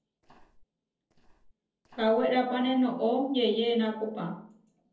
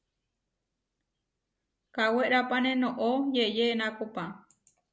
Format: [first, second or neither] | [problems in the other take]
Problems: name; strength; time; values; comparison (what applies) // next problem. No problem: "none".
second | noise reduction (neural separator model SepFormer DNS4)